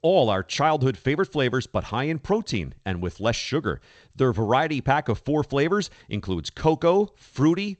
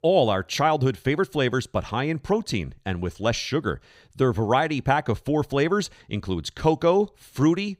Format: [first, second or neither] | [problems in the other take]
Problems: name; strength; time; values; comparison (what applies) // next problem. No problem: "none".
second | garbled, watery; slightly